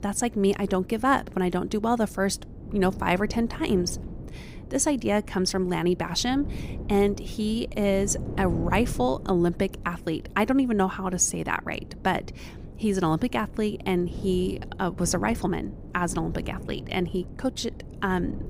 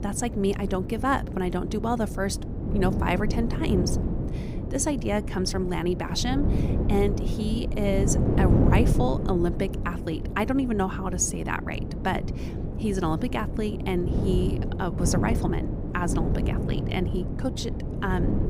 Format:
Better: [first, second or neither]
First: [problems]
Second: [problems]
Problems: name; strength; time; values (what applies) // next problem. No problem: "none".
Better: first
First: wind noise on the microphone; occasional gusts; 20 dB below the speech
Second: wind noise on the microphone; heavy; 6 dB below the speech